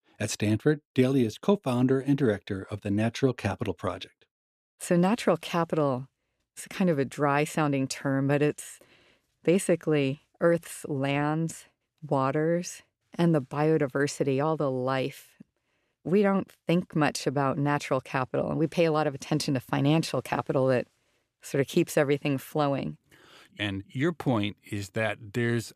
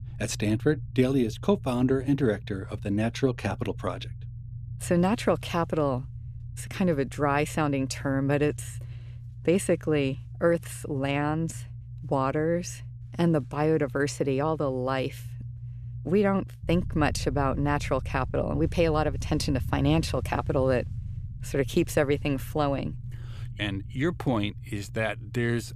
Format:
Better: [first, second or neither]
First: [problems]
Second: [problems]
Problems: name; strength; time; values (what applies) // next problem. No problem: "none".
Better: first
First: none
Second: low rumble; faint; throughout; 25 dB below the speech